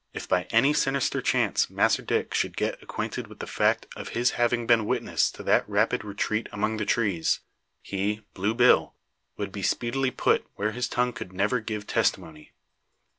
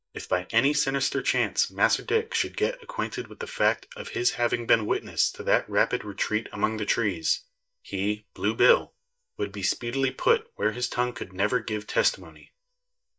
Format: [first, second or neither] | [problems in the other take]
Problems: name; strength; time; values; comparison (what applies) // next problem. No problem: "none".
first | noise reduction (neural mask model DeepFilterNet 3)